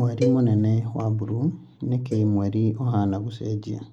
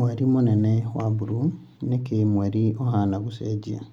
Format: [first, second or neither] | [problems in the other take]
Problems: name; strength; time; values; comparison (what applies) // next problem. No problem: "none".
second | noise reduction (neural mask model Resemble Enhance denoiser)